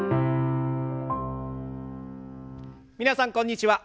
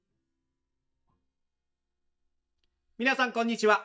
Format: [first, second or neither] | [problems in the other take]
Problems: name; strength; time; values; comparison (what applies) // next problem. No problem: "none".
first | noise reduction (neural mask model DeepFilterNet 3)